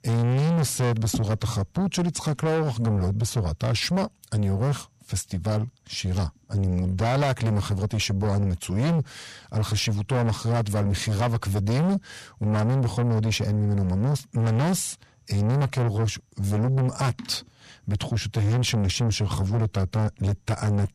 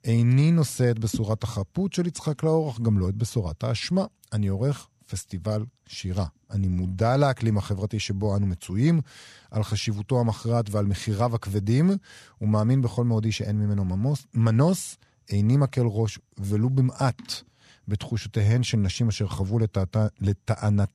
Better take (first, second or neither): second